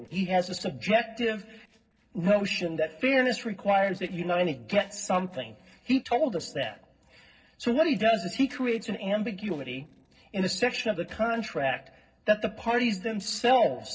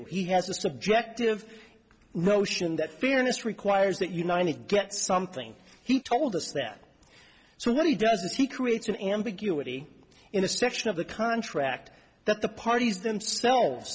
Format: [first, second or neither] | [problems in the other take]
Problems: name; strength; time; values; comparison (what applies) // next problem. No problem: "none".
second | noise reduction (neural separator model SepFormer DNS4)